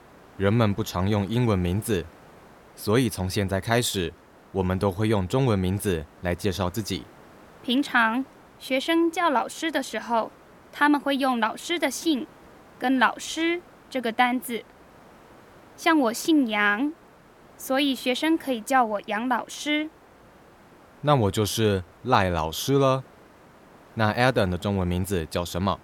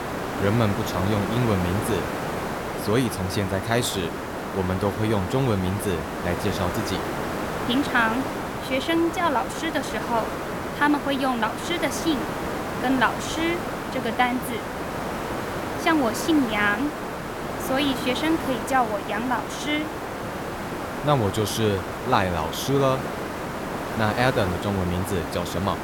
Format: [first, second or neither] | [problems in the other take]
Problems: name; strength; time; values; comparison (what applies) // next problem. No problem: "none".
first | hiss; loud; throughout; 5 dB below the speech; faint in the first